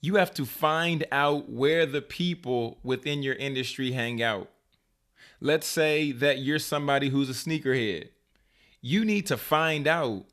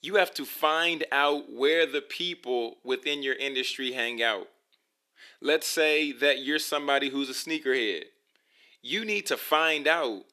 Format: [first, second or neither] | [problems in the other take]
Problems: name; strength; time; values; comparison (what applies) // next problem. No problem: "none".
first | thin; somewhat; fading below 300 Hz